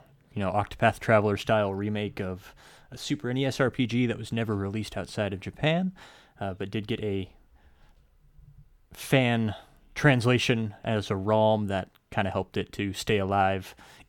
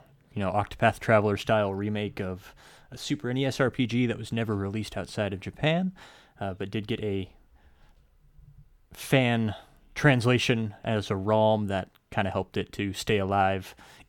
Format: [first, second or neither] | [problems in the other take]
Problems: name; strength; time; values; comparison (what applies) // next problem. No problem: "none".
neither | none